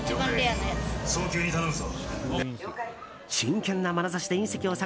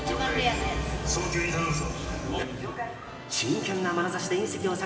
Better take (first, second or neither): first